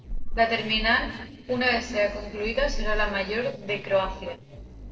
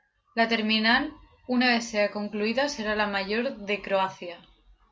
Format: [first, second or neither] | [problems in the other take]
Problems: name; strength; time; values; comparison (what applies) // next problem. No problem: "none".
second | noise reduction (neural separator model SepFormer DNS4)